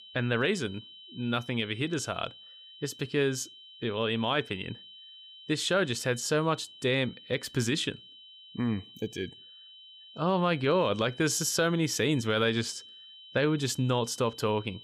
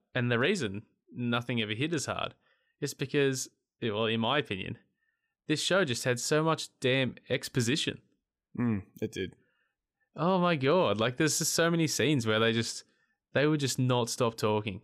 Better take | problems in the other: second | high-pitched whine; noticeable; throughout; 3 kHz, 20 dB below the speech

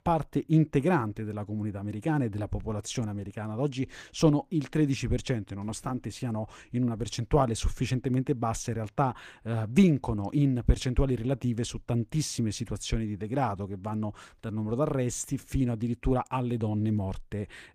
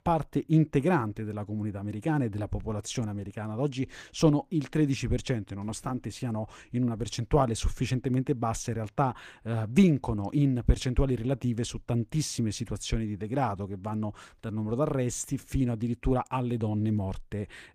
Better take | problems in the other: neither | none

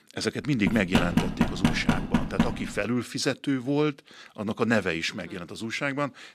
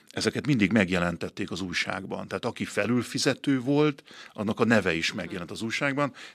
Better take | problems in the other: second | door banging; loud; from 0.5 to 2.5 s; peak 4 dB above the speech

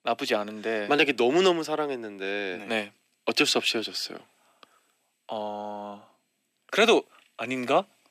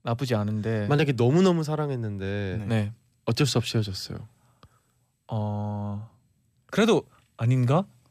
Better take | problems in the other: second | thin; somewhat; fading below 300 Hz

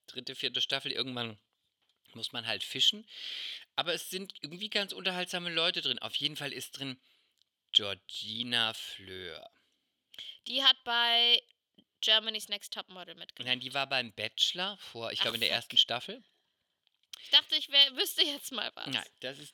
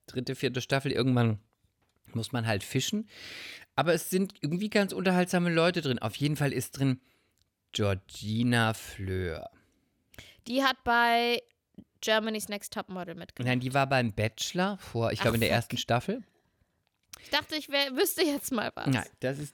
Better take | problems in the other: second | thin; somewhat; fading below 500 Hz

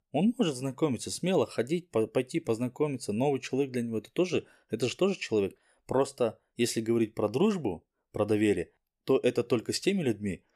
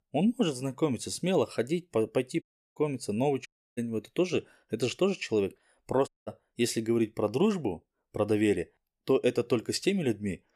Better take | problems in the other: first | audio cutting out; at 2.5 s, at 3.5 s and at 6 s

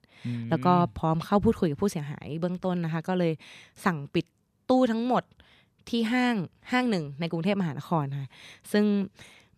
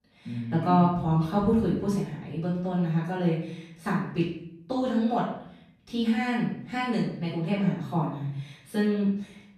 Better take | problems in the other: first | off-mic speech; far // room echo; noticeable; dies away in 0.6 s

